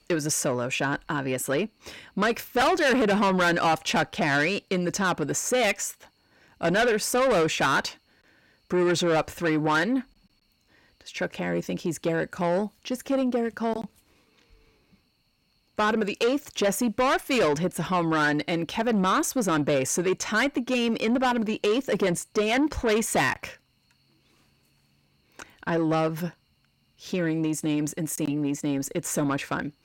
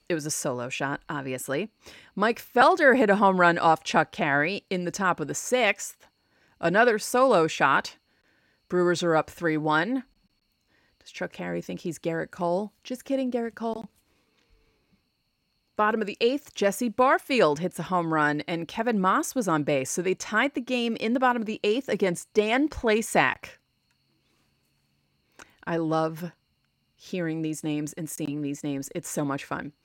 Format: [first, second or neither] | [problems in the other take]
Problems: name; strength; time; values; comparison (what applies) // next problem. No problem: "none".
second | distortion; heavy; 7 dB below the speech